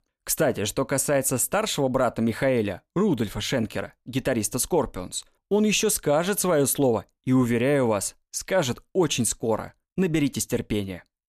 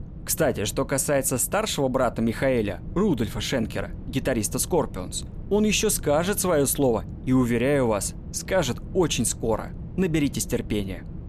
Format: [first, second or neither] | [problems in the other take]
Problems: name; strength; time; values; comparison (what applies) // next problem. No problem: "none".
first | low rumble; faint; throughout; 20 dB below the speech